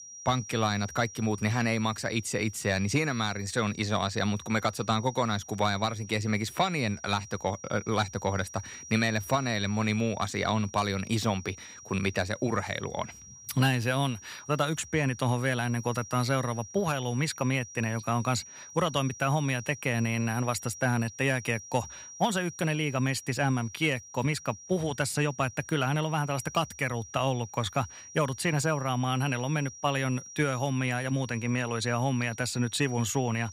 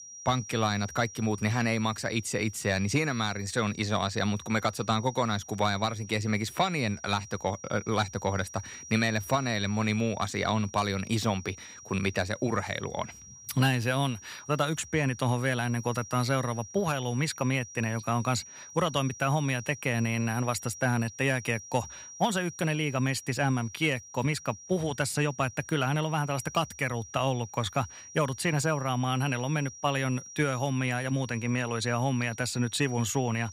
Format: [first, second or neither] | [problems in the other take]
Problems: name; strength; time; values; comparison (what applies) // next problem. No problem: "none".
neither | high-pitched whine; noticeable; throughout; 5.5 kHz, 15 dB below the speech; the same in both